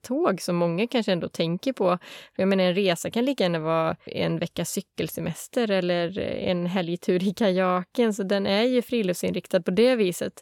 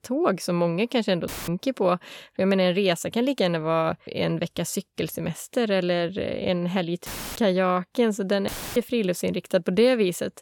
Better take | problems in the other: first | audio cutting out; filled with static; at 1.5 s, at 7 s and at 8.5 s

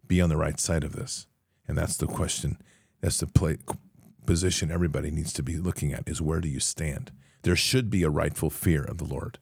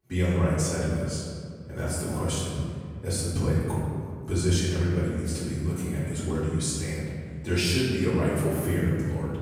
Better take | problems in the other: first | off-mic speech; far // room echo; strong; dies away in 1.9 s

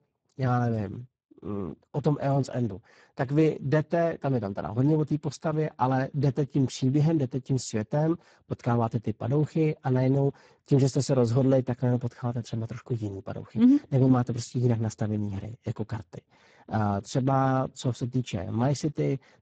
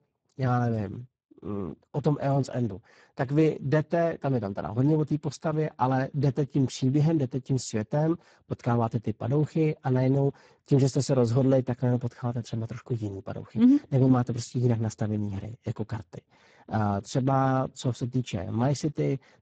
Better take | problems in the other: neither | garbled, watery; badly; nothing above 8 kHz; the same in both

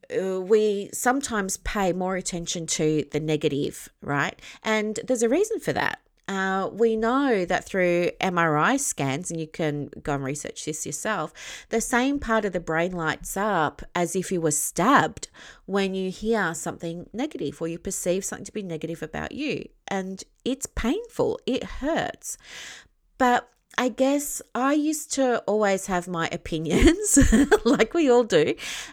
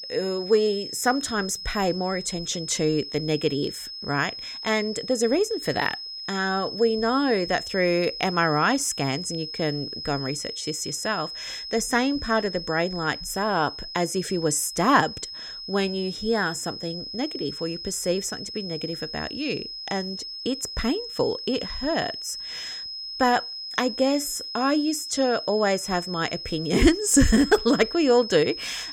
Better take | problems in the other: first | high-pitched whine; loud; throughout; 5 kHz, 8 dB below the speech

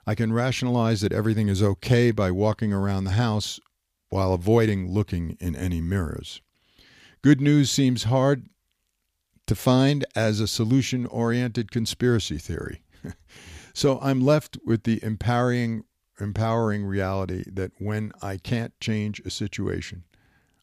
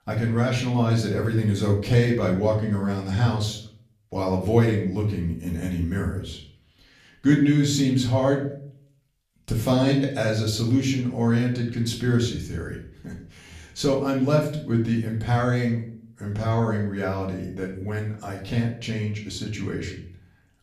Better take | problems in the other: first | room echo; slight; dies away in 0.5 s // off-mic speech; far

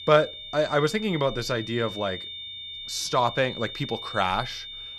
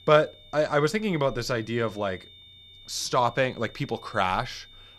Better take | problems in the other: second | high-pitched whine; loud; throughout; 3.5 kHz, 9 dB below the speech; faint in the second

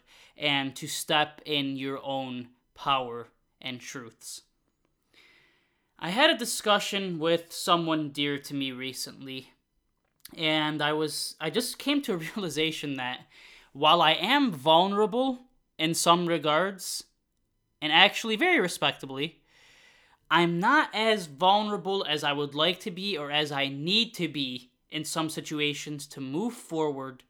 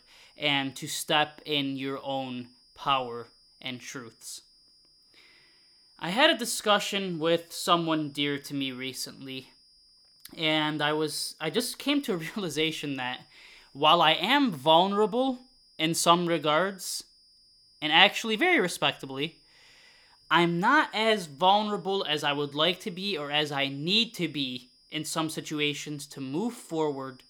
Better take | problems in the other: first | high-pitched whine; faint; throughout; 5 kHz, 30 dB below the speech

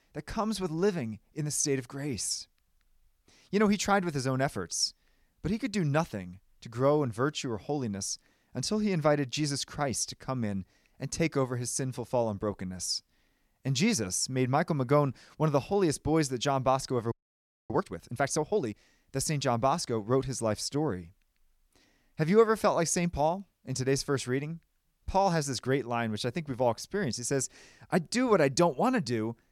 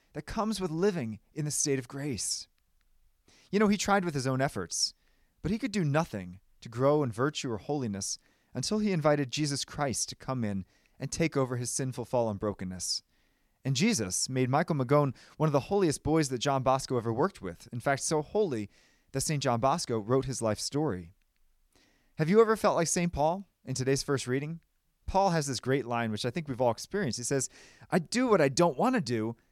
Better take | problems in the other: second | audio freezing; at 17 s for 0.5 s

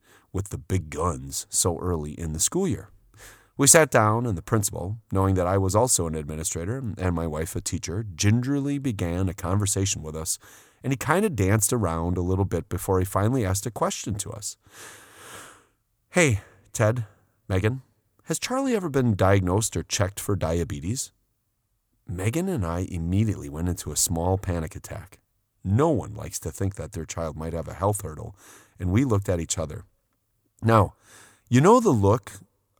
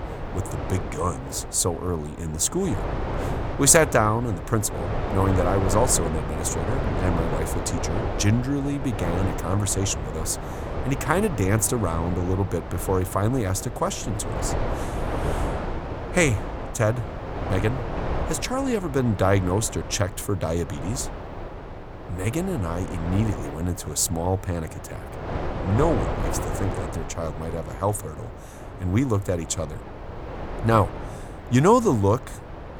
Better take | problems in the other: first | wind noise on the microphone; heavy; 7 dB below the speech

